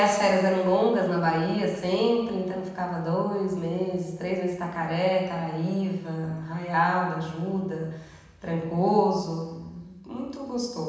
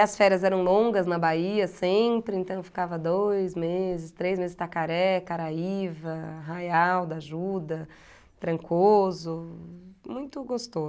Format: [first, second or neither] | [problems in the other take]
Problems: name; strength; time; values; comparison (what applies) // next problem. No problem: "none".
second | room echo; dies away in 1.1 s